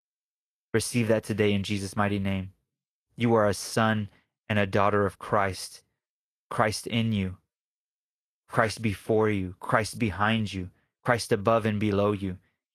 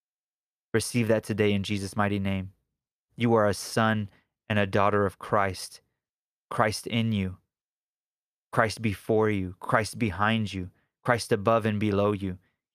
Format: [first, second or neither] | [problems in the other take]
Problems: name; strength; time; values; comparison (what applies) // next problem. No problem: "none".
second | garbled, watery; slightly